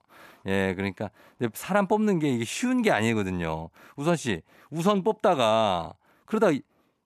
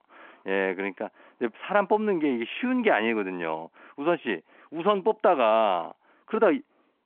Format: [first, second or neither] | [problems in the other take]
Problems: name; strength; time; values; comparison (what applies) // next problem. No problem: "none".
first | phone-call audio